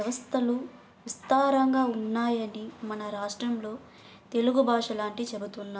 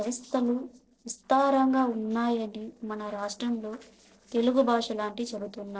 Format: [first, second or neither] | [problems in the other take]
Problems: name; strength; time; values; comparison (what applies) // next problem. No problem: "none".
first | noise reduction (neural separator model SepFormer DNS4)